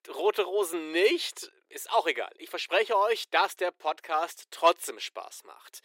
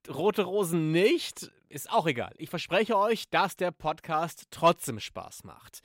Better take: second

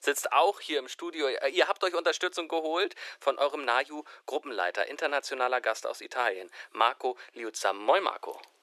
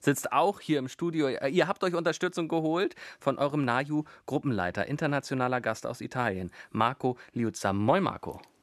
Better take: second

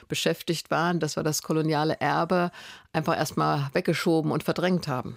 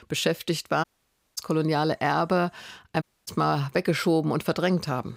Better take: first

